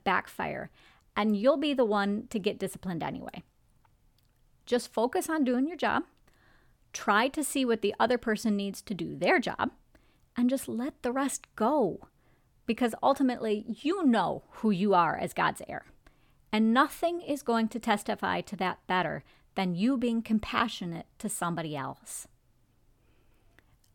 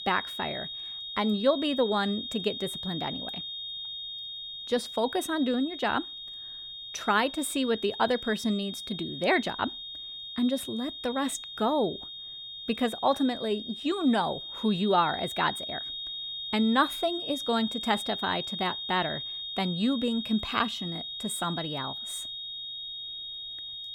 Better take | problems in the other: first | high-pitched whine; loud; throughout; 3.5 kHz, 6 dB below the speech

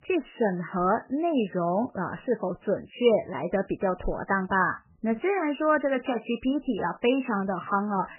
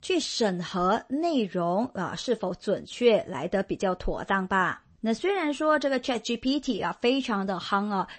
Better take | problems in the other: second | garbled, watery; badly; nothing above 3 kHz; slightly in the second

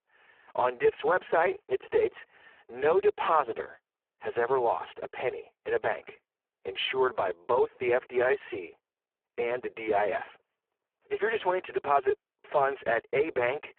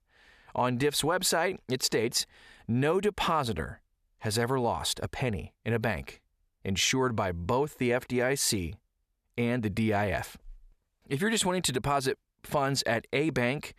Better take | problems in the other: second | phone-call audio; poor line

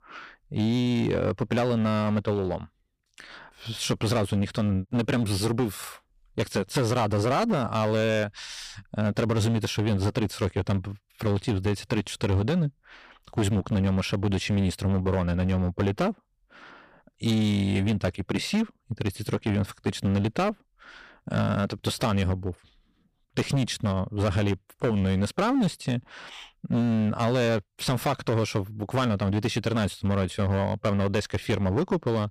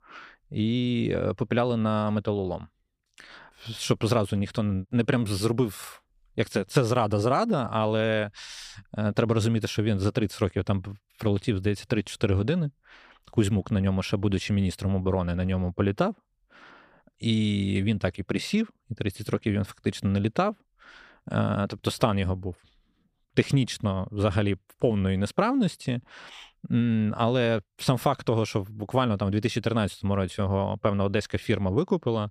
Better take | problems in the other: second | distortion; slight; 12% of the sound clipped

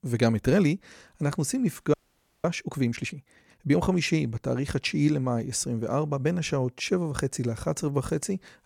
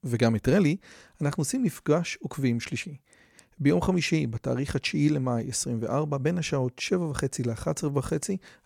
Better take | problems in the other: second | audio freezing; at 2 s for 0.5 s

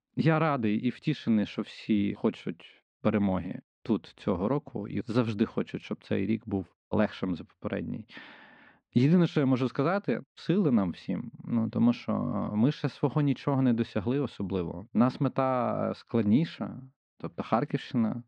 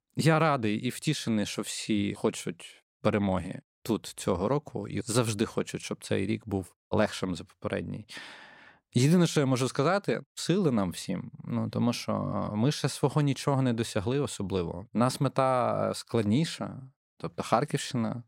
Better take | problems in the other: second | muffled; slightly; fading above 3.5 kHz

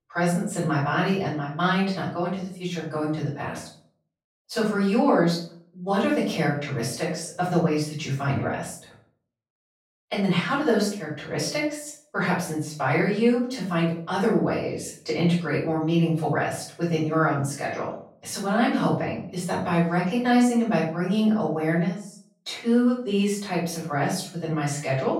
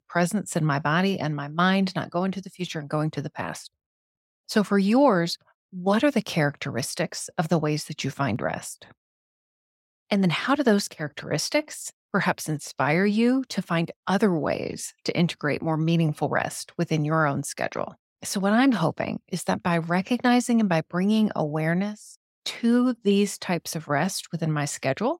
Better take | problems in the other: second | off-mic speech; far // room echo; noticeable; dies away in 0.4 s

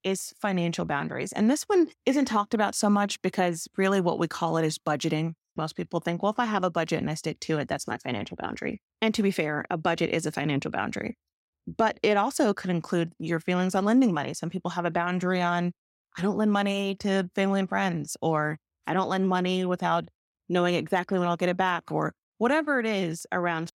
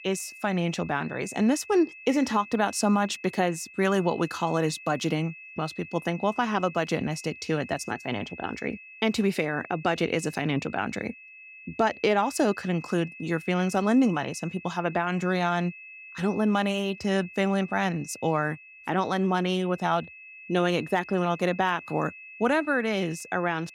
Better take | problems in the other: first | high-pitched whine; noticeable; throughout; 2.5 kHz, 15 dB below the speech

